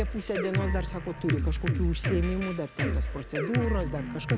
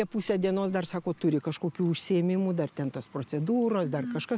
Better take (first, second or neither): second